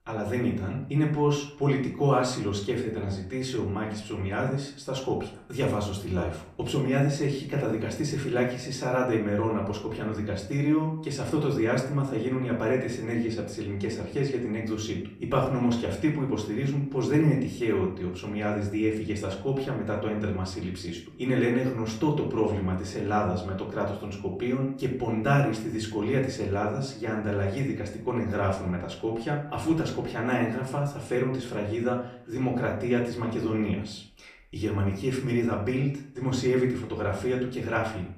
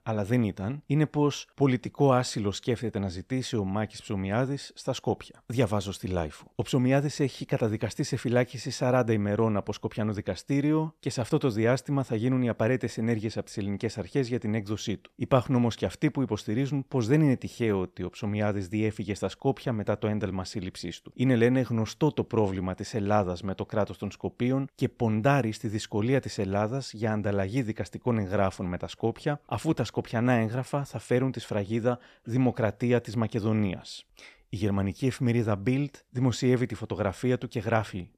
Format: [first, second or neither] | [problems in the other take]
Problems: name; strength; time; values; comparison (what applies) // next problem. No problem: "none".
second | off-mic speech; far // room echo; slight; dies away in 0.5 s